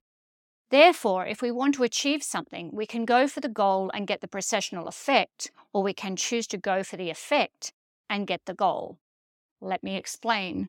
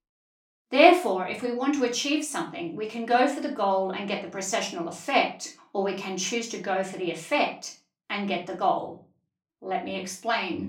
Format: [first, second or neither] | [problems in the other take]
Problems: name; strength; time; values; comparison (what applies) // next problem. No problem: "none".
first | off-mic speech; far // room echo; slight; dies away in 0.3 s